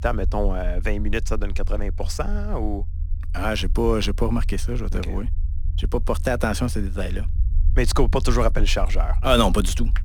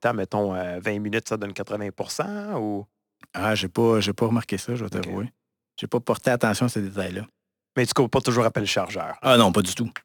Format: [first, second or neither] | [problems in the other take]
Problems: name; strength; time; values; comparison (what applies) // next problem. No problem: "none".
second | low rumble; faint; throughout; 20 dB below the speech